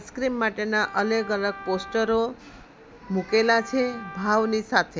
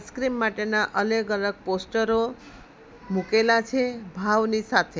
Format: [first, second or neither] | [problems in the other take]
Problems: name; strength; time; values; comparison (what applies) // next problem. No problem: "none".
second | background sound (Wind instrument, woodwind instrument); 17 dB below the speech